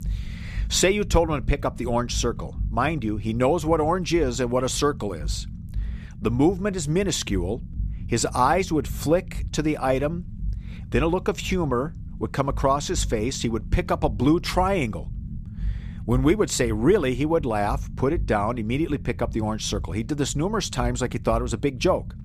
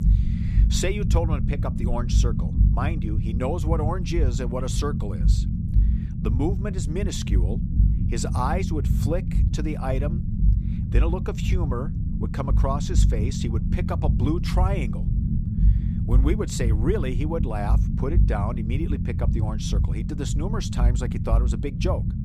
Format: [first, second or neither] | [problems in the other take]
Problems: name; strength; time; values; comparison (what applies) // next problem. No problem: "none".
first | low rumble; loud; throughout; 6 dB below the speech; faint in the first